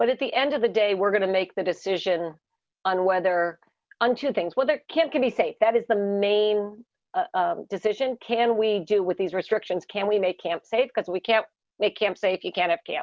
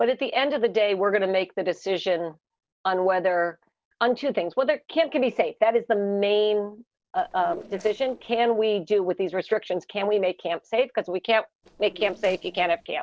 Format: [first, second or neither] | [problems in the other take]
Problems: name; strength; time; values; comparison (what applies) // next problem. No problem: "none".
first | noise reduction (neural separator model SepFormer DNS4)